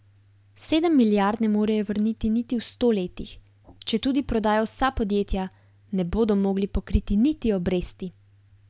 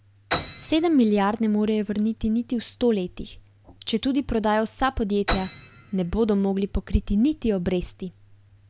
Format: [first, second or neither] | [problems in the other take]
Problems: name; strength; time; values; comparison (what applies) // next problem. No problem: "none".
first | background sound (Piano); 15 dB below the speech